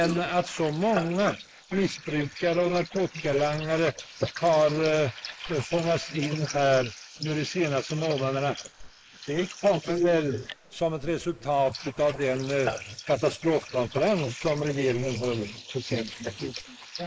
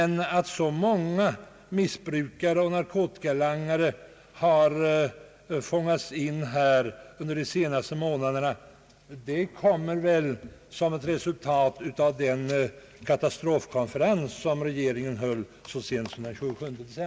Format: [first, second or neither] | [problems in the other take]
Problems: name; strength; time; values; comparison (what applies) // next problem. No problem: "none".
second | noise reduction (neural mask model Resemble Enhance denoiser)